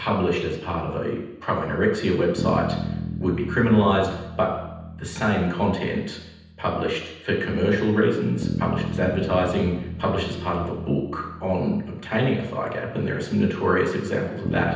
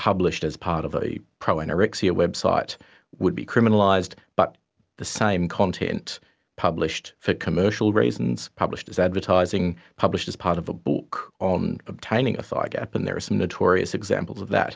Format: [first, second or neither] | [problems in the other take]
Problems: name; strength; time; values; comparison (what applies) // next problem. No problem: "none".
second | background sound (Bass guitar); 9 dB below the speech // room echo; dies away in 0.9 s